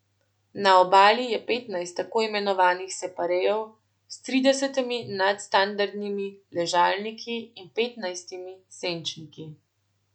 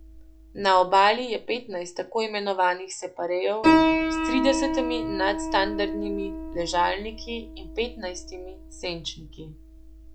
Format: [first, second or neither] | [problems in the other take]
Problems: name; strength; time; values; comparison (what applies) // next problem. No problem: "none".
first | background sound (Piano); 2 dB below the speech